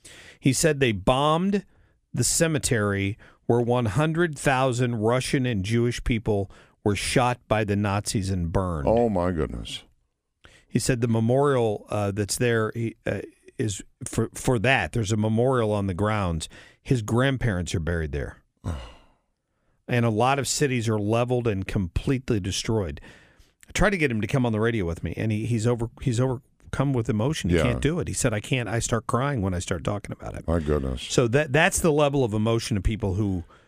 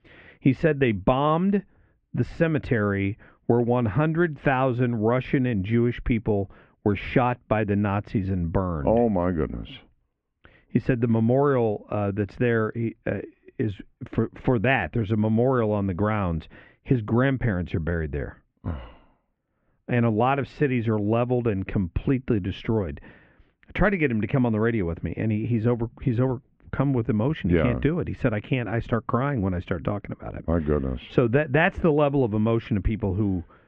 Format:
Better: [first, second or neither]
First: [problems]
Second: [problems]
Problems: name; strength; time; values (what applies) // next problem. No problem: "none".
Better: first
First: none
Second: muffled; very; fading above 2.5 kHz